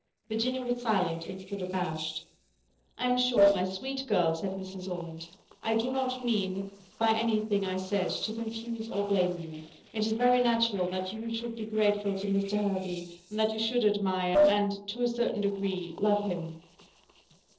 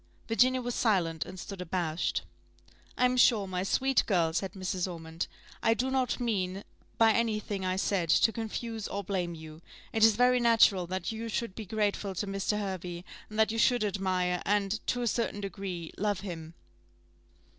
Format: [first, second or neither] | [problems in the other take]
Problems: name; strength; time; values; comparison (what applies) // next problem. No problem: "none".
second | noise reduction (neural separator model SepFormer DNS4)